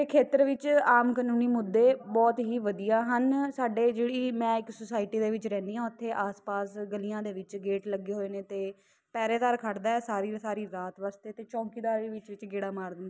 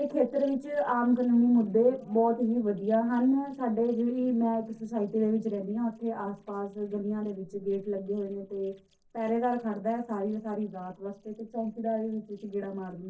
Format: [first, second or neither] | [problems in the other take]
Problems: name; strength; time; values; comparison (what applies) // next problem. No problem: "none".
first | noise reduction (neural separator model SepFormer DNS4)